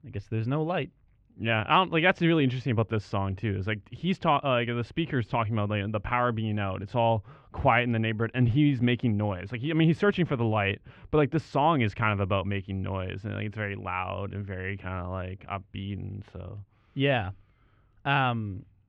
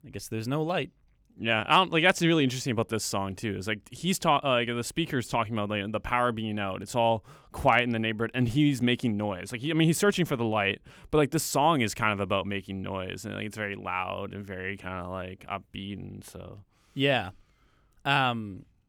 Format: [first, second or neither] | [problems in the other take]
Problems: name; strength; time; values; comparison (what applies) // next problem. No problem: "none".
second | muffled; very; fading above 3 kHz